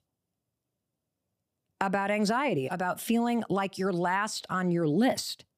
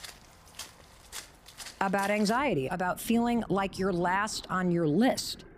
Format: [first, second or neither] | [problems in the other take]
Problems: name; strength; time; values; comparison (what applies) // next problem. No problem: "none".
first | rain or running water; noticeable; throughout; 20 dB below the speech